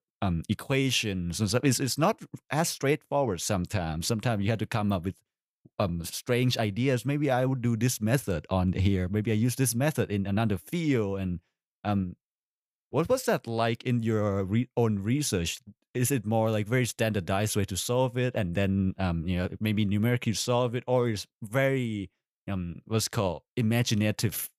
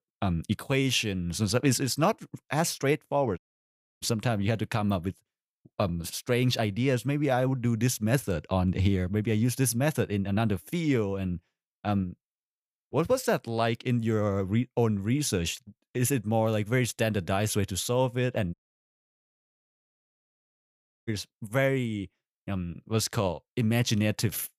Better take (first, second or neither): first